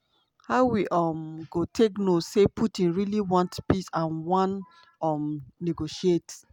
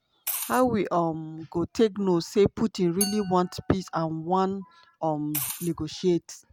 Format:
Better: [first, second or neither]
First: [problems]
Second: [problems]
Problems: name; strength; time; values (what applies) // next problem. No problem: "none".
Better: first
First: none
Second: background sound (Glass + Liquid); 10 dB below the speech